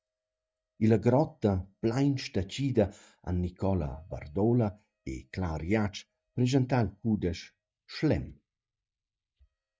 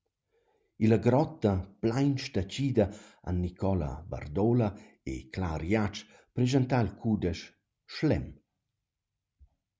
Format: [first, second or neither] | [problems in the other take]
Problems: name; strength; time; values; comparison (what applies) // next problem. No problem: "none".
second | noise reduction (neural mask model DeepFilterNet 3)